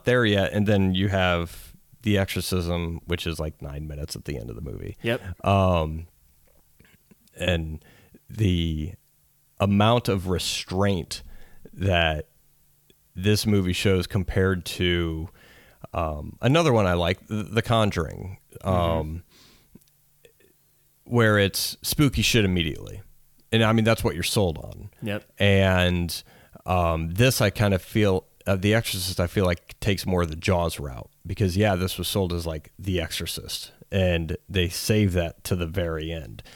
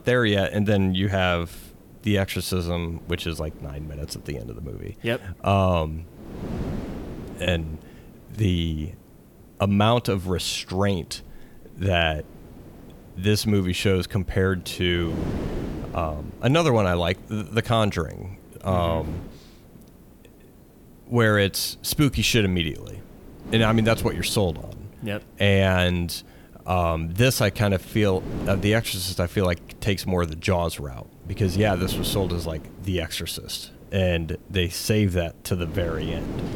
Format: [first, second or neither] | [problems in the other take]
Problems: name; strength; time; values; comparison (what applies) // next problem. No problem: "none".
first | wind noise on the microphone; occasional gusts; 15 dB below the speech